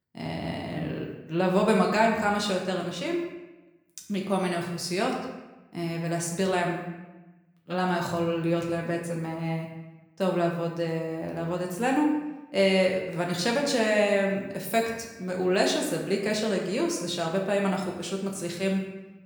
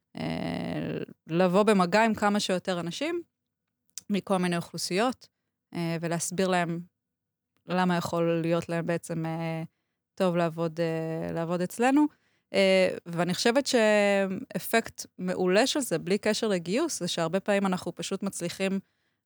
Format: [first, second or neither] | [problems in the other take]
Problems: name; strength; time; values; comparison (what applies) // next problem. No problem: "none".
second | room echo; noticeable; dies away in 0.8 s // off-mic speech; somewhat distant